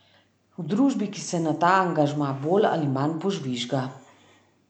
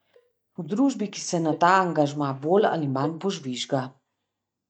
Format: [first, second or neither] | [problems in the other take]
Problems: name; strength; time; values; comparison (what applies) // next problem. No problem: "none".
first | noise reduction (neural mask model DeepFilterNet 3)